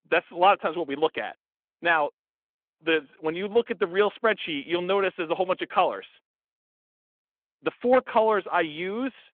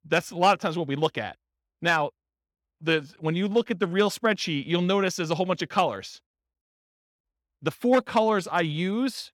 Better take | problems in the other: second | phone-call audio

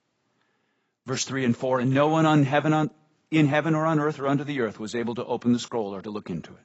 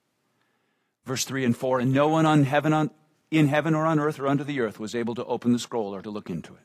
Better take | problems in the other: second | garbled, watery; badly; nothing above 7.5 kHz; slightly in the second

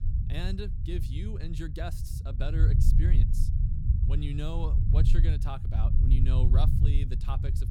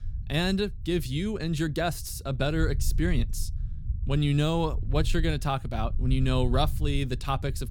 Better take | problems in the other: second | low rumble; loud; throughout; 2 dB below the speech; faint in the second

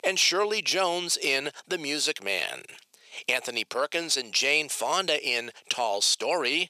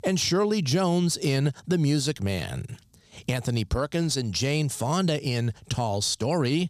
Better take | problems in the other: second | thin; very; fading below 450 Hz

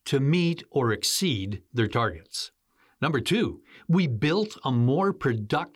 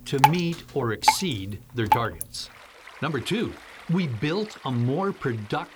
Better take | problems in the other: first | rain or running water; very loud; throughout; 3 dB above the speech

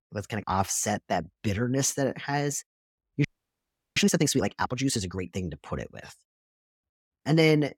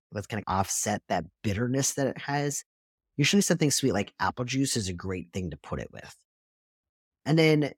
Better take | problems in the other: second | audio freezing; at 3.5 s for 0.5 s

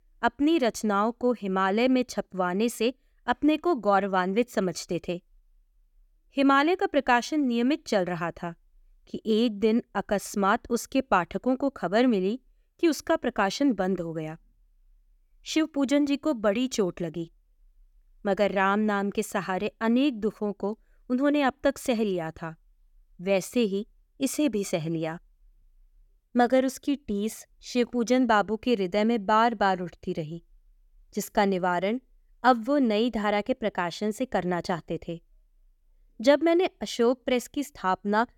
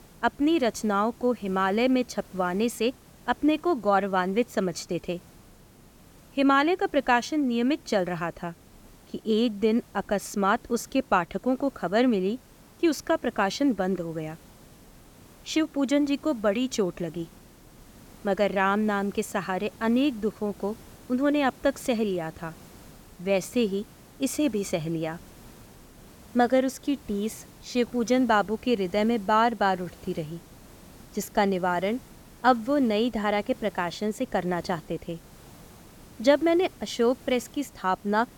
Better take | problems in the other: first | hiss; faint; throughout; 25 dB below the speech

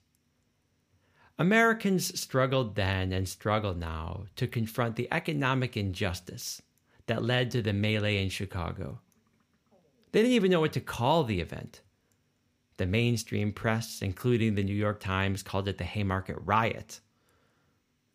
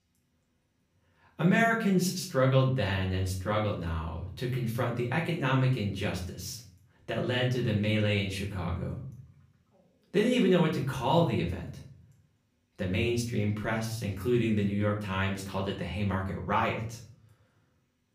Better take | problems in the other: first | off-mic speech; far // room echo; slight; dies away in 0.5 s

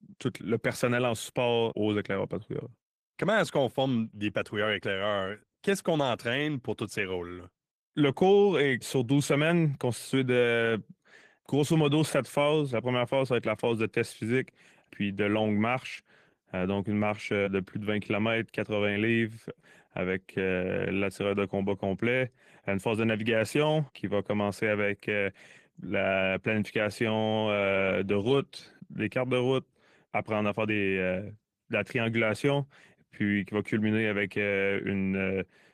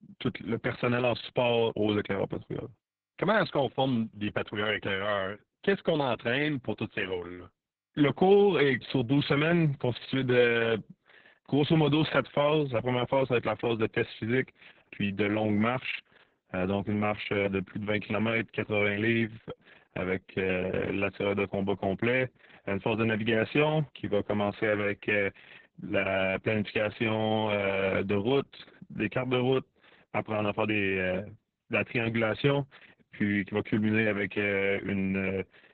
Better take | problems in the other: first | garbled, watery; badly; nothing above 3.5 kHz; slightly in the first

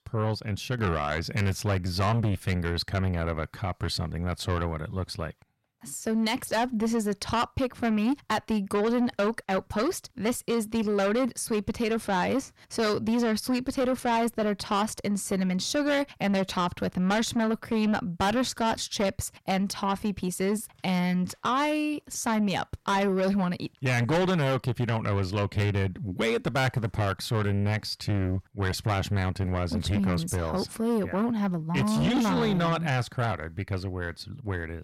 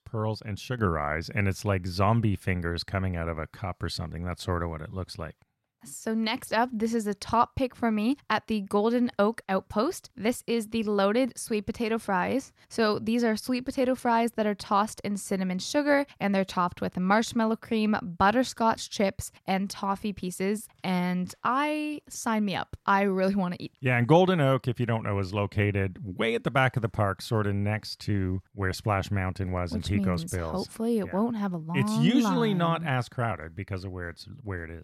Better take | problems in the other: second | distortion; heavy; 8 dB below the speech

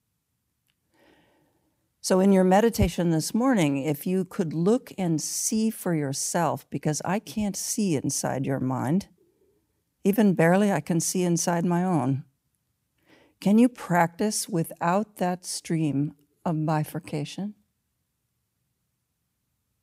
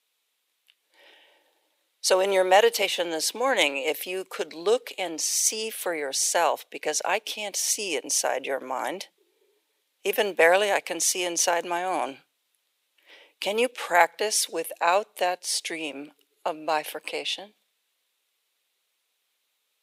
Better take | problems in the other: first | thin; very; fading below 450 Hz

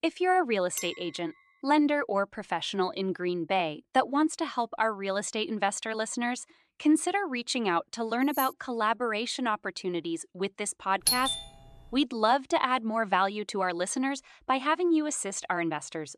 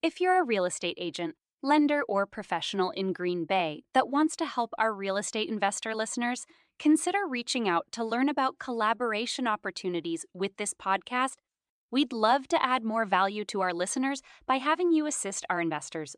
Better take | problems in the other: second | clattering dishes; noticeable; at 1 s; peak 9 dB below the speech // jangling keys; noticeable; at 8.5 s; peak 8 dB below the speech // doorbell; loud; at 11 s; peak 3 dB above the speech

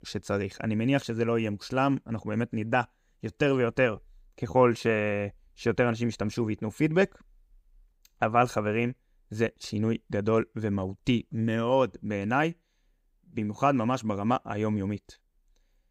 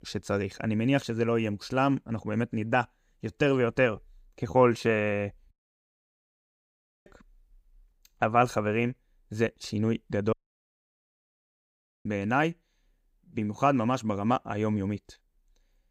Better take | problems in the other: first | audio cutting out; at 5.5 s for 1.5 s and at 10 s for 1.5 s

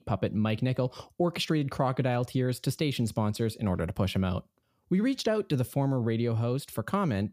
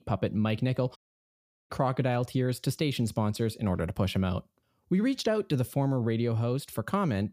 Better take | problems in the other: first | audio cutting out; at 1 s for 0.5 s

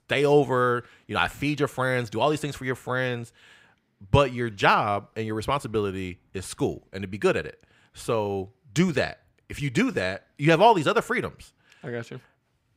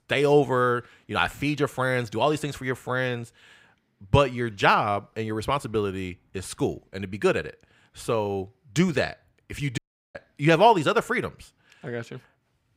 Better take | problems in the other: first | audio cutting out; at 10 s

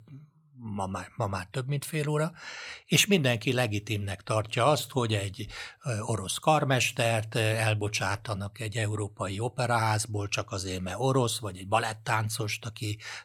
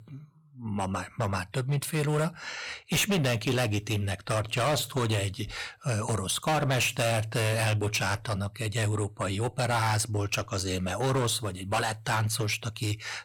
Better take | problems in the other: first | distortion; heavy; 11% of the sound clipped

